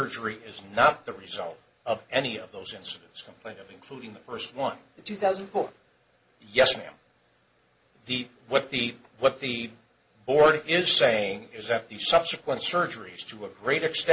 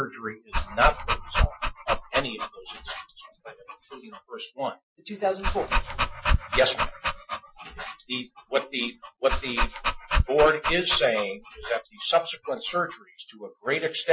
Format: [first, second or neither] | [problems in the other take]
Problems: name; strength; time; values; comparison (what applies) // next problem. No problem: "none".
first | noise reduction (classical method Wiener filter)